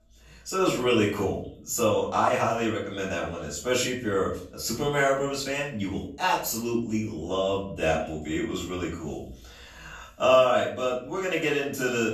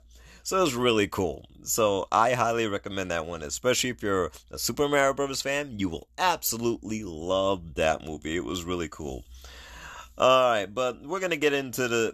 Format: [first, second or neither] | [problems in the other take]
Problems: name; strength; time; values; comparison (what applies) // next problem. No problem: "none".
second | off-mic speech; far // room echo; noticeable; dies away in 0.4 s